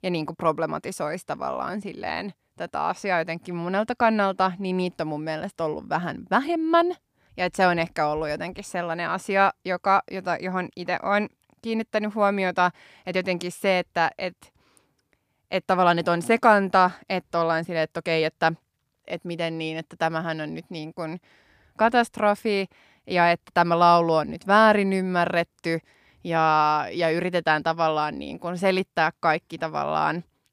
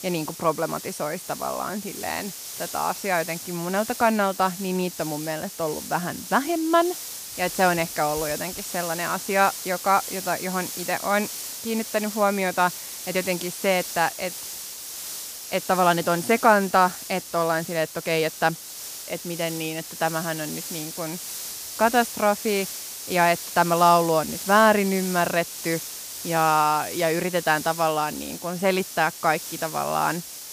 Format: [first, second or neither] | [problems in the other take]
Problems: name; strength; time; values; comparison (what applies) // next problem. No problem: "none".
first | hiss; loud; throughout; 9 dB below the speech